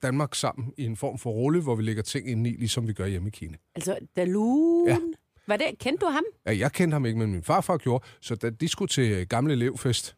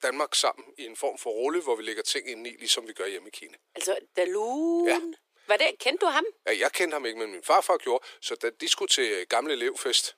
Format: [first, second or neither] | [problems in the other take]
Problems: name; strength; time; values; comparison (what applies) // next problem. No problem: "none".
first | thin; very; fading below 350 Hz